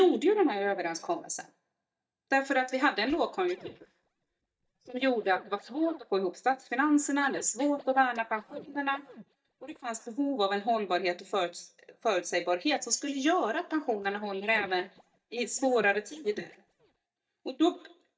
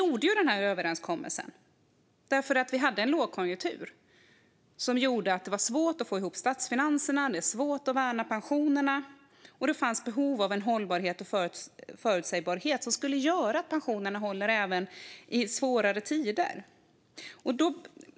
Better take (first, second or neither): second